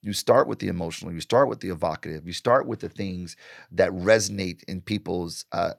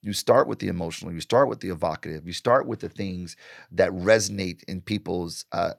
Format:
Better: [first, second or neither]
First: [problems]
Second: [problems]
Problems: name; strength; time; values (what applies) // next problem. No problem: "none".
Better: neither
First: none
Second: none